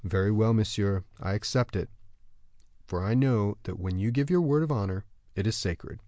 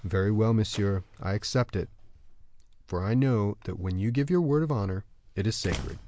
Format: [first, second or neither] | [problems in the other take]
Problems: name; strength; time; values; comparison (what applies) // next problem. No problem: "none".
first | background sound (Slam); 18 dB below the speech